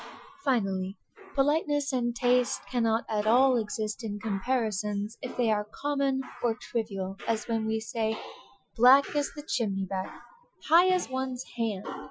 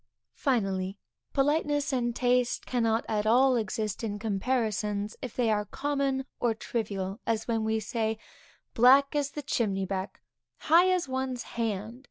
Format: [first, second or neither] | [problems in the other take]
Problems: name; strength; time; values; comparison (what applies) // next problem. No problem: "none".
second | noise reduction (classical method Wiener filter)